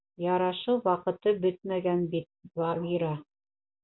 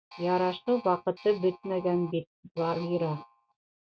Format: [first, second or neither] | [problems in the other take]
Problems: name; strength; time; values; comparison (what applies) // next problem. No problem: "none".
first | noise reduction (neural mask model RNNoise)